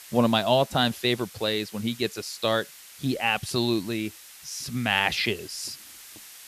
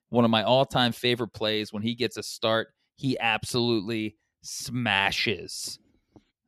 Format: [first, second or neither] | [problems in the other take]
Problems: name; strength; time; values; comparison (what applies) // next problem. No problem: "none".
second | hiss; noticeable; throughout; 20 dB below the speech